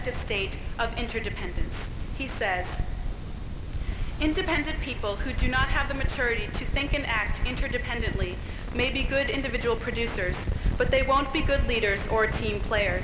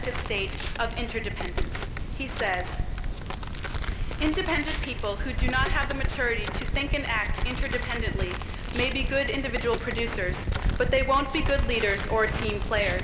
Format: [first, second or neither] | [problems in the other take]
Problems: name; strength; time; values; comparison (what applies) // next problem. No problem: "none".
first | background sound (Walk, footsteps); 14 dB below the speech